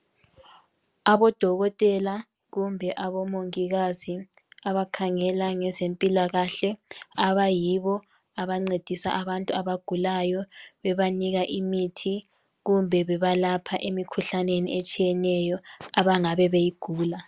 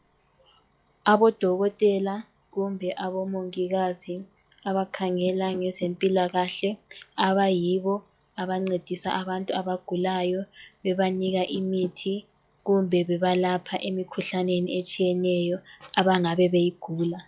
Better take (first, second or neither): first